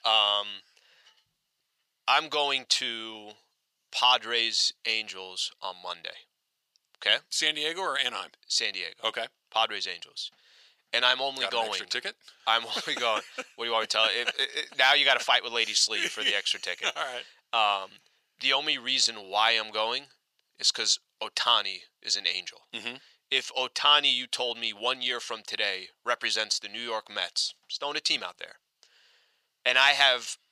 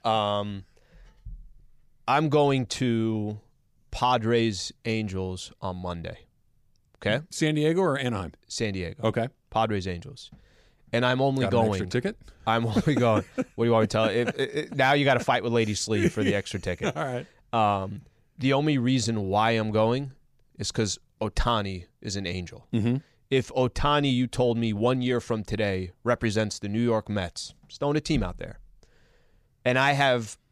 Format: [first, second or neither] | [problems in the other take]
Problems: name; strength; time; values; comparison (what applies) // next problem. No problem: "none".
second | thin; very; fading below 950 Hz